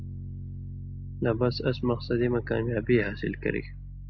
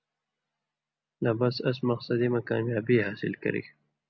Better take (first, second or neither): second